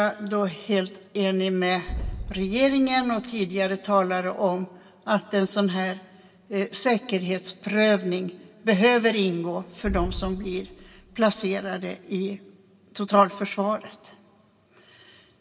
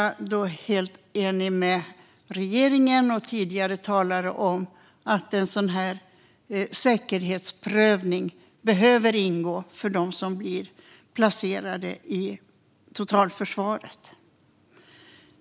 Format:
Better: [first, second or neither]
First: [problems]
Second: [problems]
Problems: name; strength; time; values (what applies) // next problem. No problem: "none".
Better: second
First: background sound (Boom); 11 dB below the speech // room echo; dies away in 1.6 s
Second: none